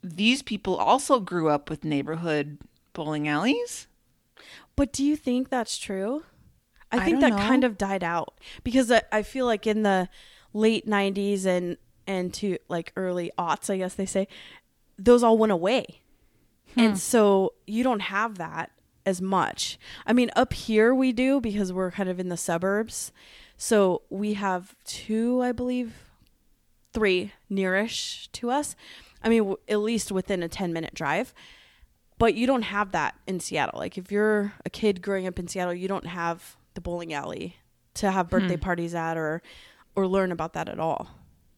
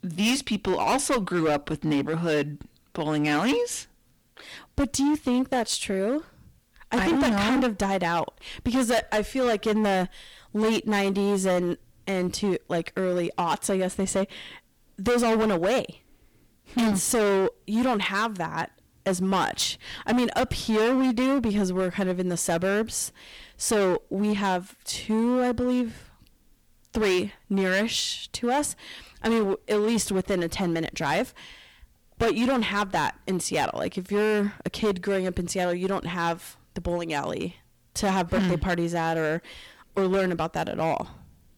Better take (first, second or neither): first